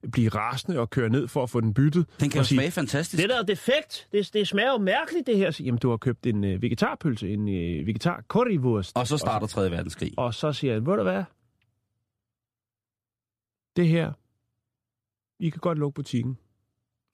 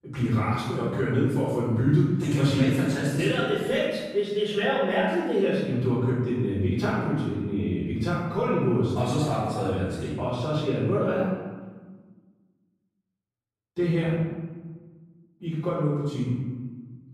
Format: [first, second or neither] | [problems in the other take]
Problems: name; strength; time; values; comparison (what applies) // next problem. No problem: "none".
first | room echo; strong; dies away in 1.2 s // off-mic speech; far